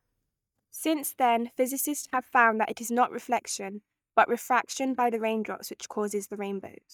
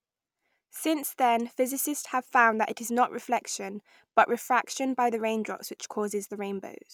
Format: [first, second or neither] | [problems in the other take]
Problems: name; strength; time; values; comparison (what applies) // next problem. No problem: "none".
second | noise reduction (neural mask model DeepFilterNet 3)